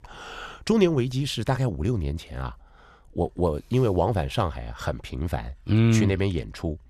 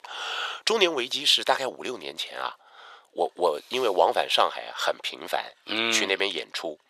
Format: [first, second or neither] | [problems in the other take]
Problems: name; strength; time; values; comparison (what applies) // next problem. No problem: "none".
first | thin; very; fading below 550 Hz